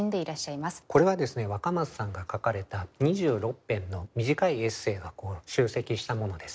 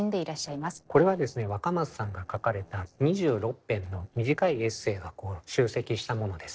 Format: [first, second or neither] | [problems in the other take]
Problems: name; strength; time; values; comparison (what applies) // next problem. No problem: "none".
first | noise reduction (neural separator model SepFormer DNS4)